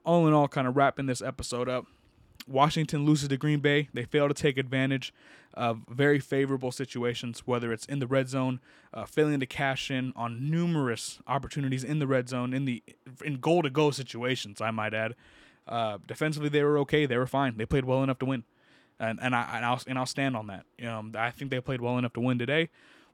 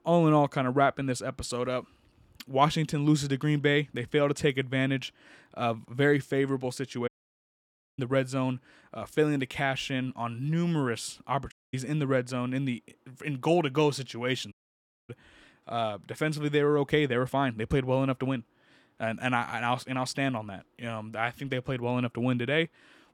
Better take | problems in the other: first | audio cutting out; at 7 s for 1 s, at 12 s and at 15 s for 0.5 s

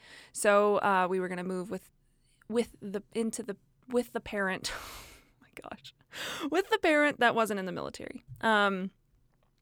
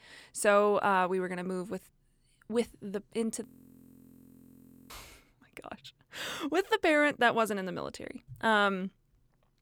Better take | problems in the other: first | audio freezing; at 3.5 s for 1.5 s

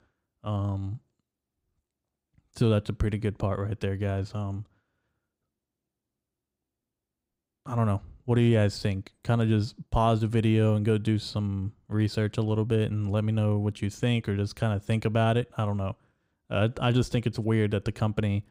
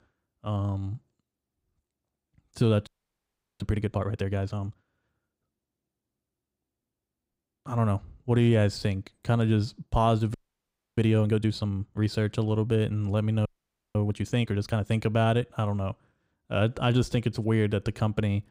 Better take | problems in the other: first | audio freezing; at 3 s for 0.5 s, at 10 s for 0.5 s and at 13 s for 0.5 s

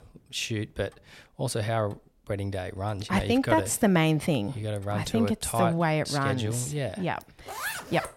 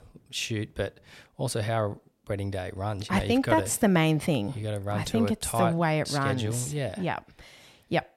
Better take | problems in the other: second | household noises; loud; throughout; 7 dB below the speech

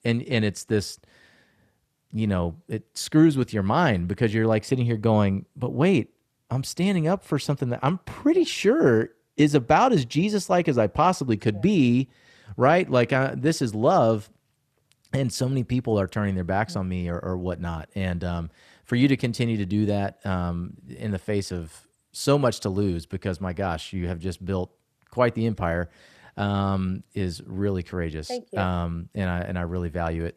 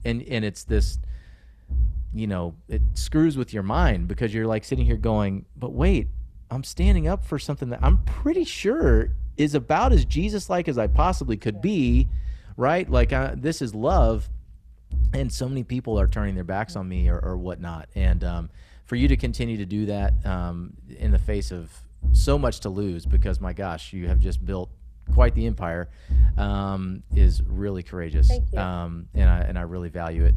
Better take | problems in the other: first | low rumble; noticeable; throughout; 15 dB below the speech

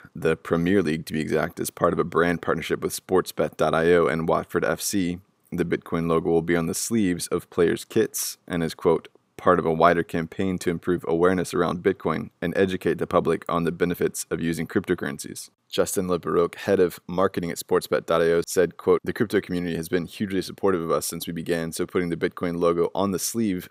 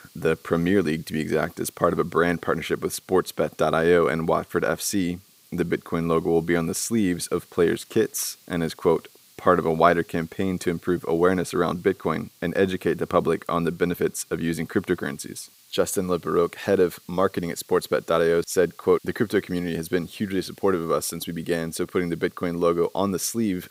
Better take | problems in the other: first | hiss; faint; throughout; 30 dB below the speech

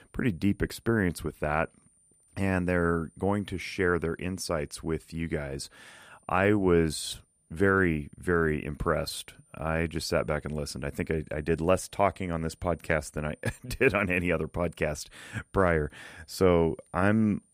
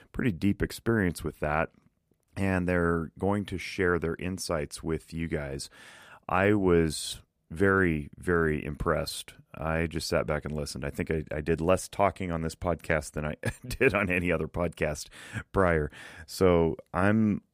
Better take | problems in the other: second | high-pitched whine; faint; throughout; 9 kHz, 35 dB below the speech

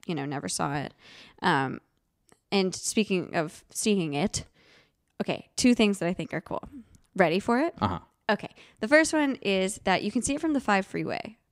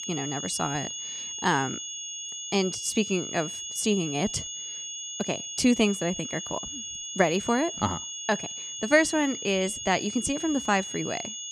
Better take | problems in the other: first | high-pitched whine; loud; throughout; 6.5 kHz, 6 dB below the speech

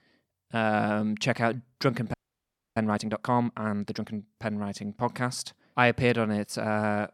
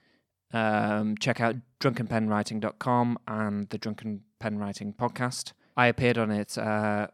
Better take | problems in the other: second | audio freezing; at 2 s for 0.5 s

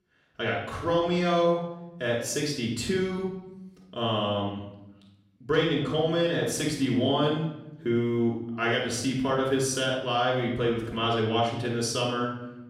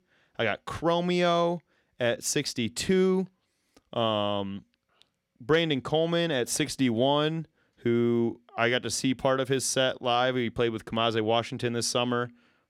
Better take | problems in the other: second | off-mic speech; far // room echo; noticeable; dies away in 0.8 s

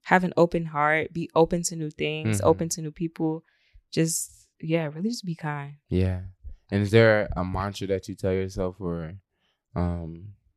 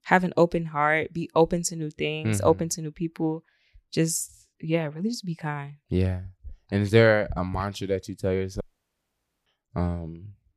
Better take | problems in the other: first | audio cutting out; at 8.5 s for 1 s

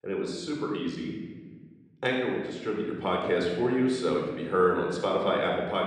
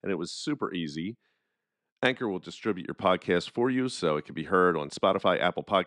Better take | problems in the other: second | off-mic speech; somewhat distant // room echo; noticeable; dies away in 1.3 s

